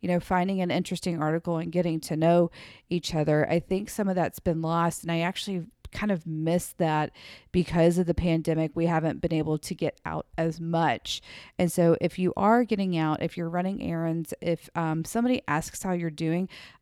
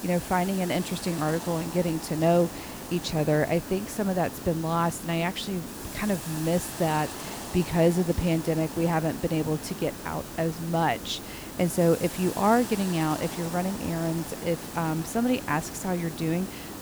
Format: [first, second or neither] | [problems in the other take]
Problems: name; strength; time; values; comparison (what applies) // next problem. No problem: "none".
first | hiss; loud; throughout; 10 dB below the speech